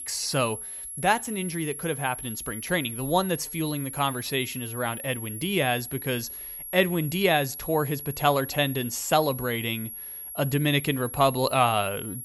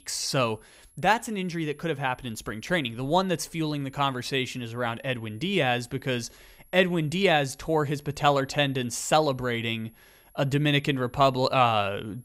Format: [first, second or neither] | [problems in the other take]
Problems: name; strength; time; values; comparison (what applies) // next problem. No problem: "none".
second | high-pitched whine; loud; throughout; 11 kHz, 9 dB below the speech; faint in the second